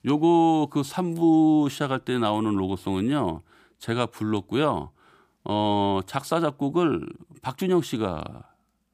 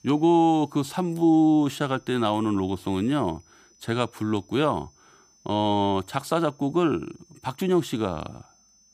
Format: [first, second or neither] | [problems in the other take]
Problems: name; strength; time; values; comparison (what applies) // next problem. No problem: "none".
first | high-pitched whine; faint; throughout; 6 kHz, 35 dB below the speech